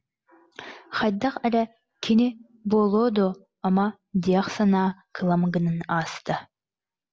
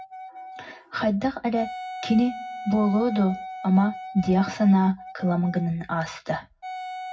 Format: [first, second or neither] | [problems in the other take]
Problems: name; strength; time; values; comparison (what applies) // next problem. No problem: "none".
first | background sound (Wind instrument, woodwind instrument); 13 dB below the speech // room echo; dies away in 0.4 s